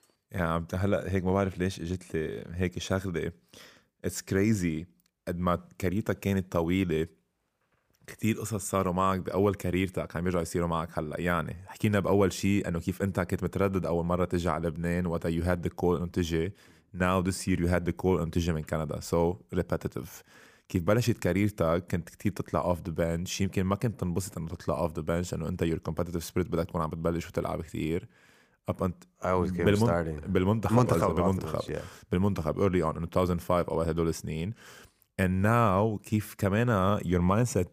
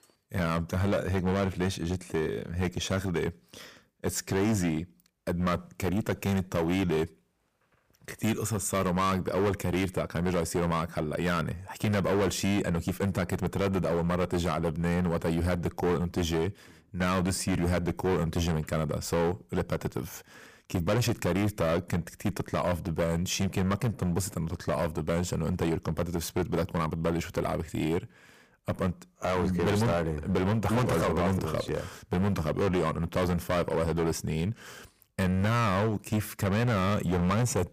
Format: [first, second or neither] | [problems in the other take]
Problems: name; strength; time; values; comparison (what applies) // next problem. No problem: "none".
first | distortion; heavy; 14% of the sound clipped